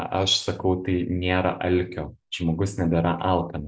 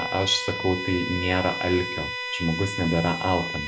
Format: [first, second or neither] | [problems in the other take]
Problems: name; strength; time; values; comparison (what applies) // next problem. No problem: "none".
first | background sound (Bowed string instrument); 6 dB below the speech